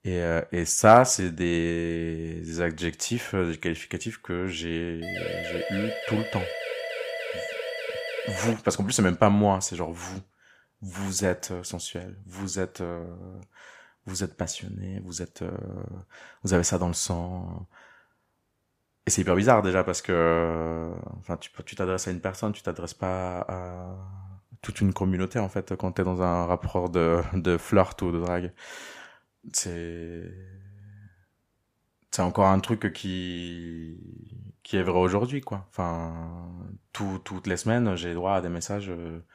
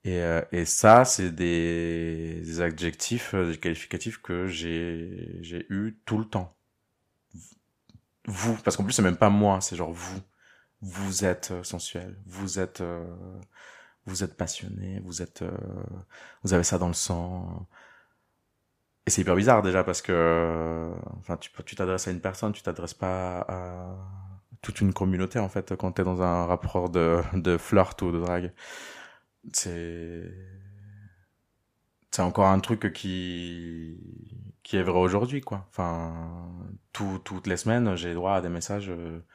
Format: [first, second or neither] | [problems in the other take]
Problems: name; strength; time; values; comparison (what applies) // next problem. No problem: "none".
second | siren; noticeable; from 5 to 8.5 s; peak 5 dB below the speech